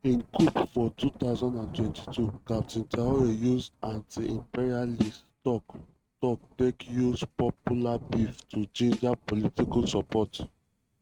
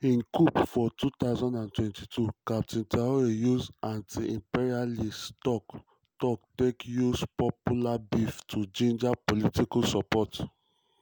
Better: second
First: noise reduction (neural mask model RNNoise)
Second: none

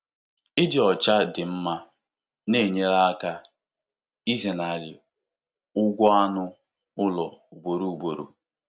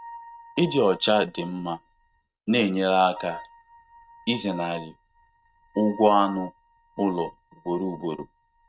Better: first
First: none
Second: noise reduction (neural mask model RNNoise)

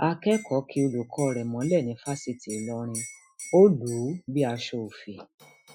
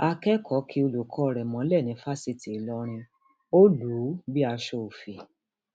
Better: second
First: noise reduction (classical method Wiener filter)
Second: none

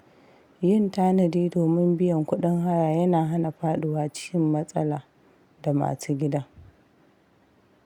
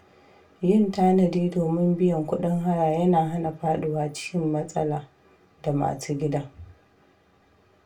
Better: first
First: none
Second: room echo; dies away in 0.2 s

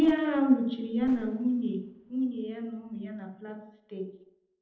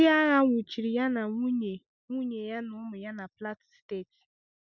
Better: second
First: noise reduction (neural separator model SepFormer DNS4)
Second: none

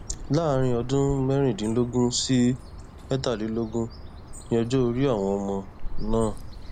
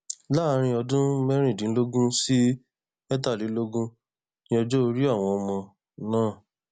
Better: second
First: background sound (Bird); 9 dB below the speech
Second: none

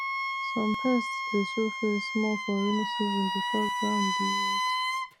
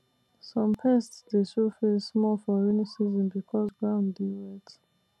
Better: second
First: background sound (Wind instrument, woodwind instrument); as loud as the speech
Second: none

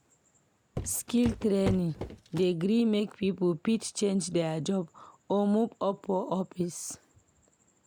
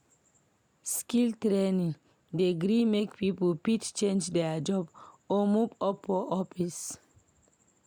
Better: second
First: background sound (Walk, footsteps); 7 dB below the speech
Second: none

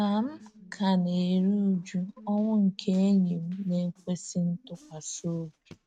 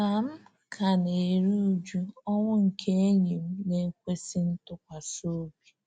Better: second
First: noise reduction (neural mask model RNNoise)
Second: none

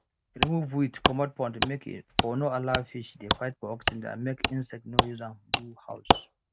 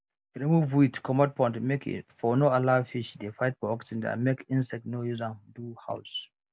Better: second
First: background sound (Wood); 2 dB above the speech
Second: none

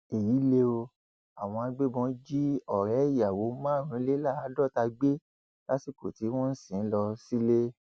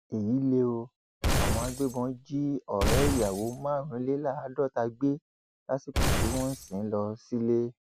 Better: first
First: none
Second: background sound (Glass); 1 dB above the speech

